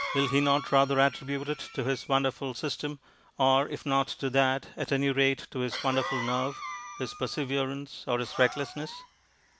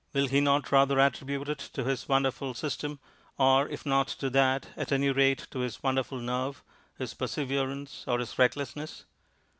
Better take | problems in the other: second | background sound (Cough); 12 dB below the speech

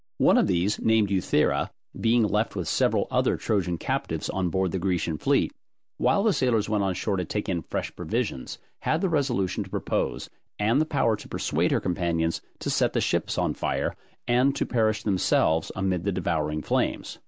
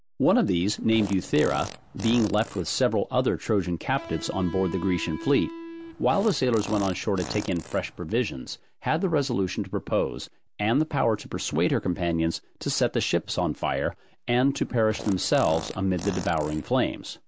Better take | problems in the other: first | background sound (Electric guitar + Fart); 14 dB below the speech

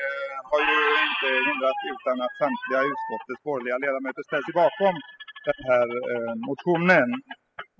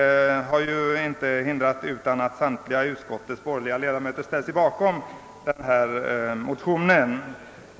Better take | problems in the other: second | noise reduction (classical method spectral subtraction)

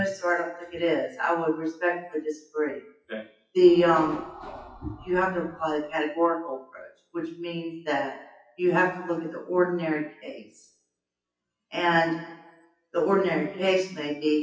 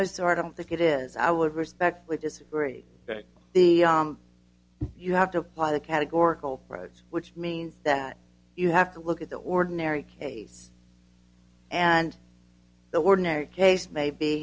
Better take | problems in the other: second | noise reduction (classical method WPE with log-MMSE)

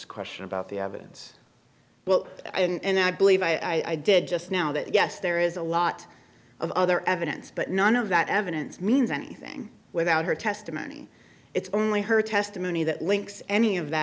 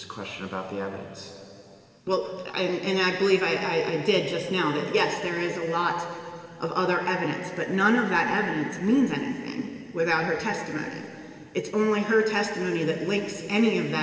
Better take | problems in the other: first | room echo; dies away in 2.8 s

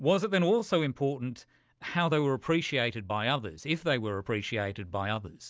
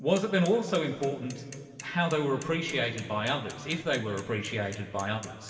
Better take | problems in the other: first | background sound (Mechanisms / Bicycle); 20 dB below the speech // room echo; dies away in 2.3 s

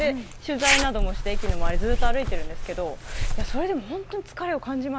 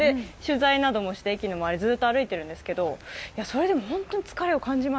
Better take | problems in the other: second | background sound (Zipper (clothing)); 4 dB above the speech

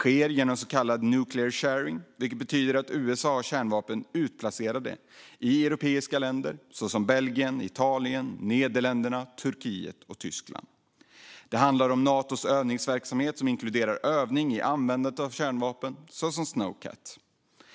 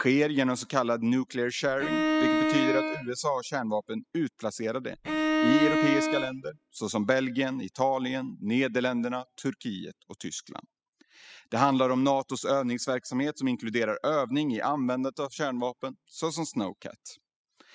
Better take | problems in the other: first | noise reduction (classical method spectral subtraction)

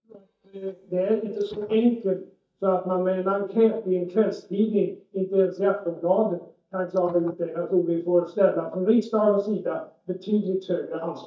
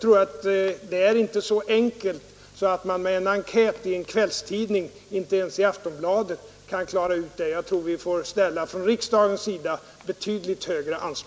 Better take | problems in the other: second | noise reduction (neural mask model DeepFilterNet 3)

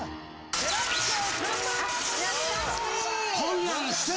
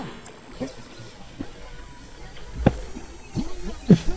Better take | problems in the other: first | noise reduction (neural mask model DeepFilterNet 3)

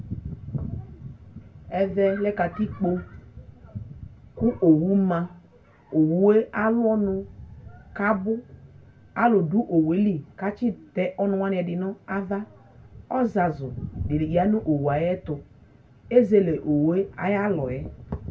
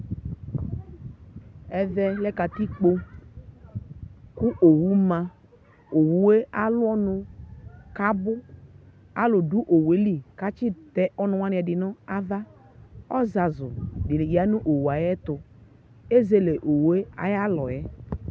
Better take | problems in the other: second | room echo; dies away in 0.2 s

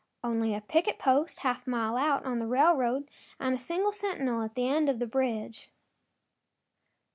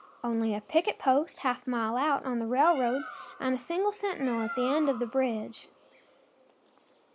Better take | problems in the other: first | background sound (Bird); 17 dB below the speech

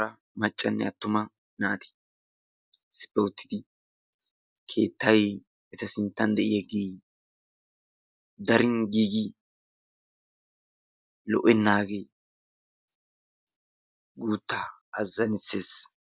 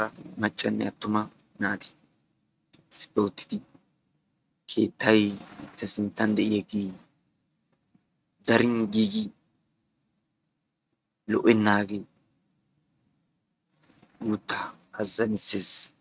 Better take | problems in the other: first | noise reduction (neural mask model RNNoise)

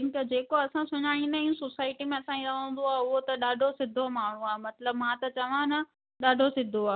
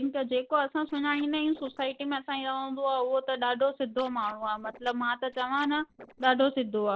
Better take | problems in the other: first | noise reduction (neural separator model SepFormer DNS4)

